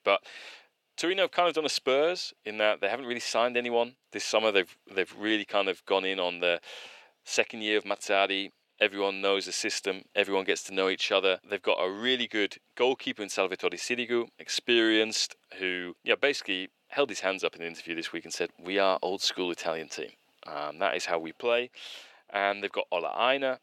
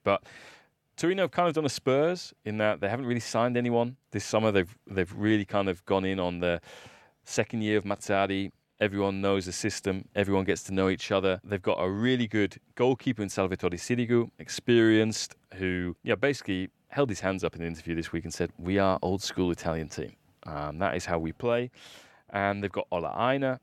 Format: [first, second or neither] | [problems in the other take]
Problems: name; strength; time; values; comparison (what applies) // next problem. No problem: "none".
second | thin; somewhat; fading below 450 Hz